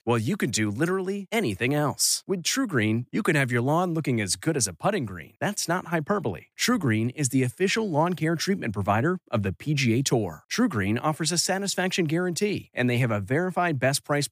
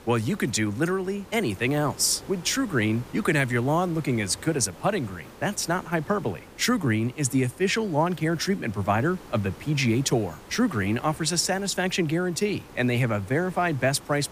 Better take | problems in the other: first | hiss; faint; throughout; 20 dB below the speech

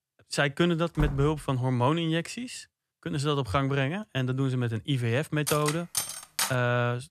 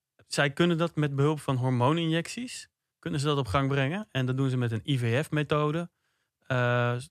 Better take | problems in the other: second | door banging; noticeable; at 1 s; peak 7 dB below the speech // clattering dishes; noticeable; from 5.5 to 6.5 s; peak 2 dB below the speech

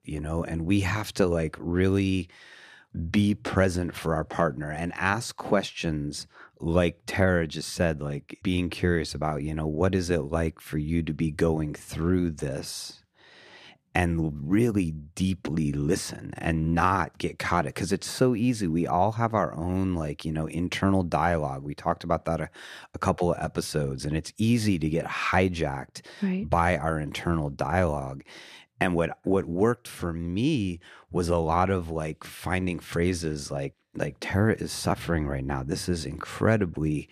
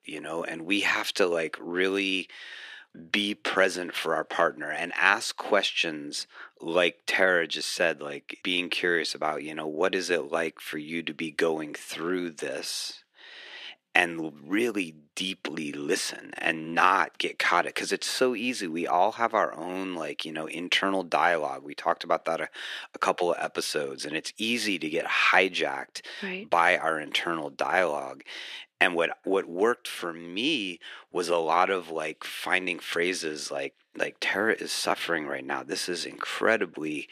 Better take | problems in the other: first | thin; somewhat; fading below 300 Hz

